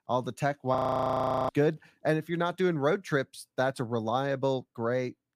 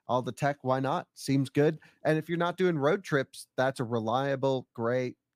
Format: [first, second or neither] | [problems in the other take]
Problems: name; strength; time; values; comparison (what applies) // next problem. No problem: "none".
second | audio freezing; at 1 s for 0.5 s